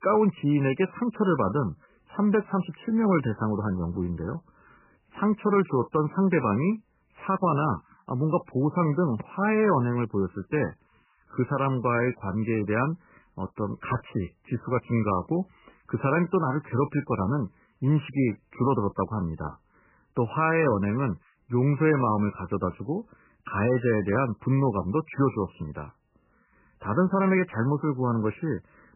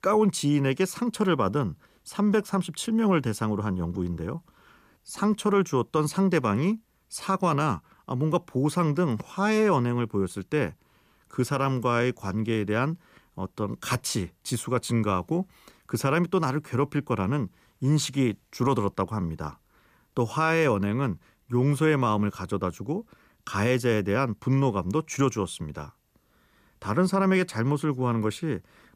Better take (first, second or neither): second